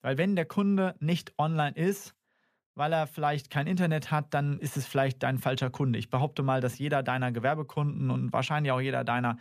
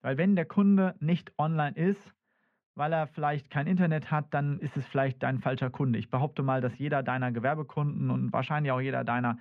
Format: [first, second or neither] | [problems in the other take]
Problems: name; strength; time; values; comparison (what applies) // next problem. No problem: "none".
first | muffled; very; fading above 2 kHz